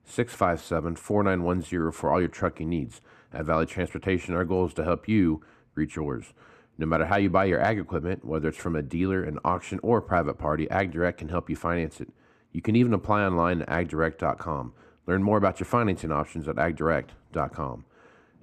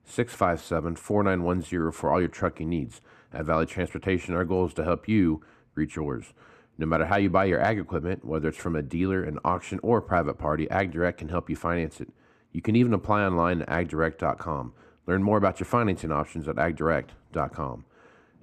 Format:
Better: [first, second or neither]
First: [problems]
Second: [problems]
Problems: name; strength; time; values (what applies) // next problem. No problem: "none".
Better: neither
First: muffled; slightly; fading above 2 kHz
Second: muffled; slightly; fading above 2 kHz